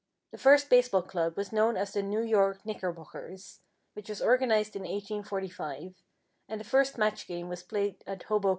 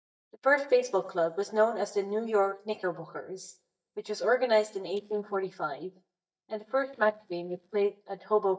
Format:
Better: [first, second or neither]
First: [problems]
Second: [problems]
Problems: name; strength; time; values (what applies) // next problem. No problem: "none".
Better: first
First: none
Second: noise reduction (neural mask model DeepFilterNet 3)